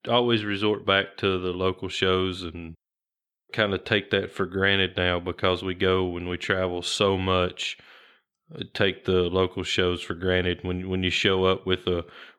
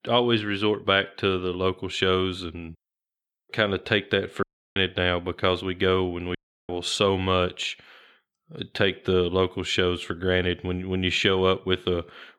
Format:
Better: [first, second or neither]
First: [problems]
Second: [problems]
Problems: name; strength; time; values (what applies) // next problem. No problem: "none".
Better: first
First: none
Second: audio cutting out; at 4.5 s and at 6.5 s